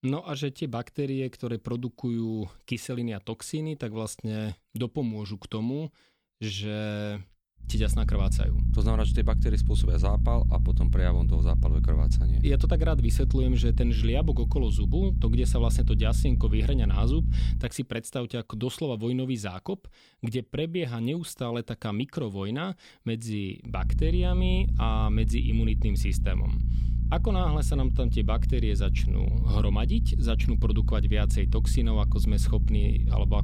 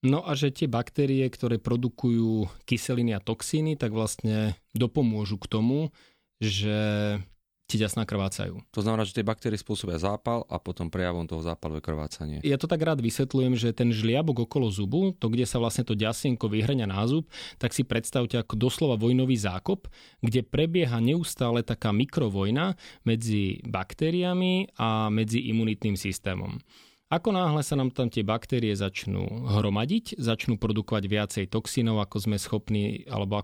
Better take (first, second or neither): second